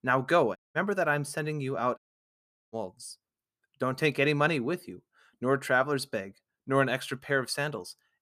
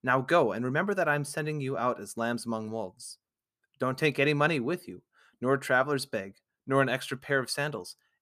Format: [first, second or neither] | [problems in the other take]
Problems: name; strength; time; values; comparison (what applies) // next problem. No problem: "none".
second | audio cutting out; at 0.5 s and at 2 s for 0.5 s